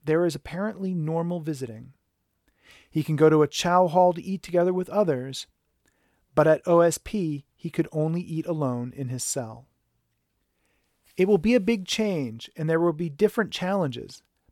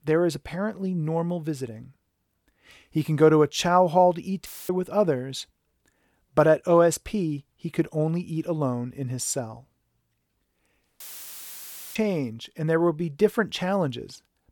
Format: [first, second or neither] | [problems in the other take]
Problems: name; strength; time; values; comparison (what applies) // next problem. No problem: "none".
first | audio cutting out; filled with static; at 4.5 s and at 11 s for 1 s